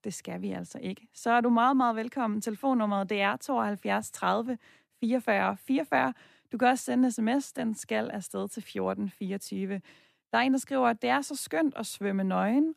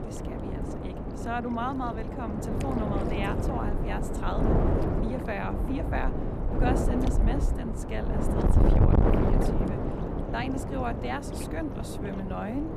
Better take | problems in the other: first | wind noise on the microphone; heavy; 1 dB above the speech

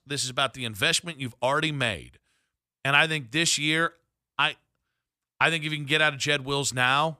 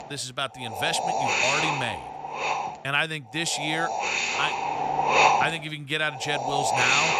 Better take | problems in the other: first | wind noise on the microphone; heavy; 4 dB above the speech

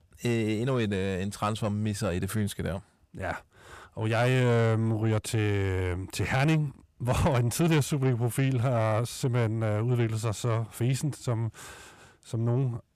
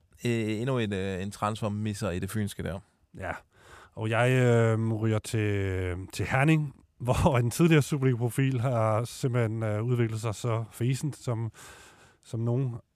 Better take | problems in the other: second | distortion; slight; 10 dB below the speech

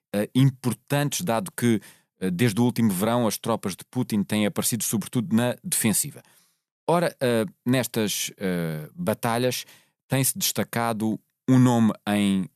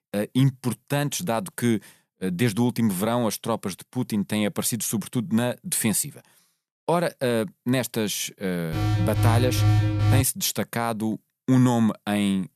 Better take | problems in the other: first | alarm; loud; from 8.5 to 10 s; peak 4 dB above the speech

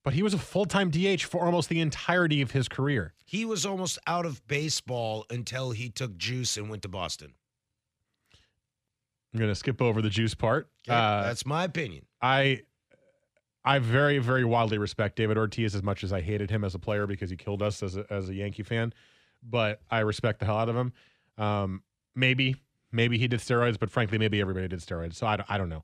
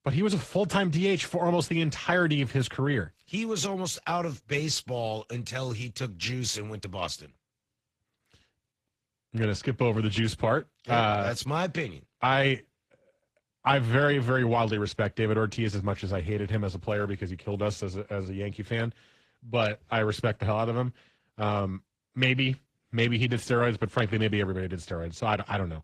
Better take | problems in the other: first | garbled, watery; slightly

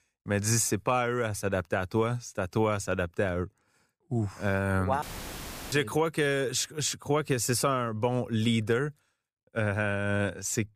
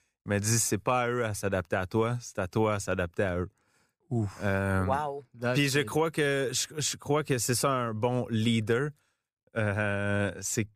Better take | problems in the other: second | audio cutting out; filled with static; at 5 s for 0.5 s

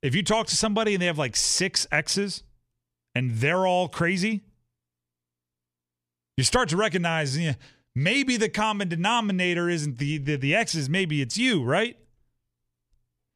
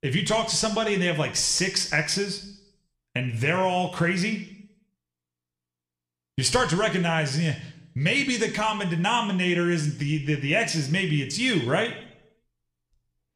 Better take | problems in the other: first | room echo; very slight; dies away in 0.7 s

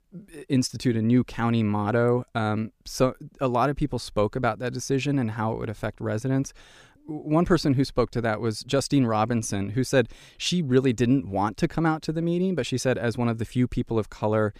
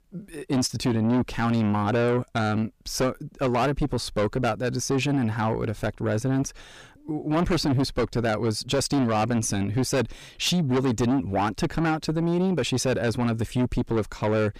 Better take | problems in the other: first | distortion; heavy; 7 dB below the speech

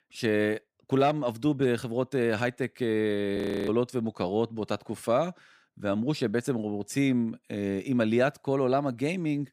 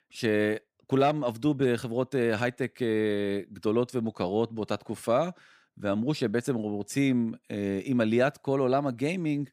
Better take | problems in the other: second | audio freezing; at 3.5 s

